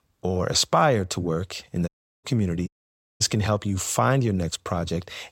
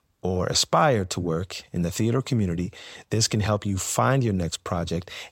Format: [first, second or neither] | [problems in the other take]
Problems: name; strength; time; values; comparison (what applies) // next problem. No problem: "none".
second | audio cutting out; at 2 s and at 2.5 s for 0.5 s